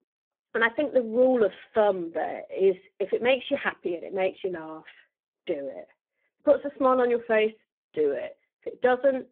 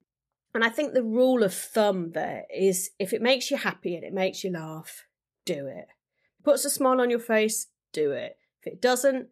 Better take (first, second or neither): second